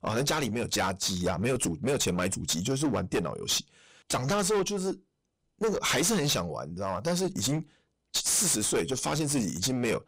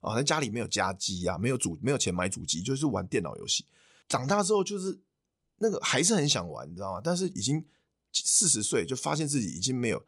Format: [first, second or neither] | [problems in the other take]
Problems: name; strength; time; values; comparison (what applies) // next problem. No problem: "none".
second | distortion; heavy; 17% of the sound clipped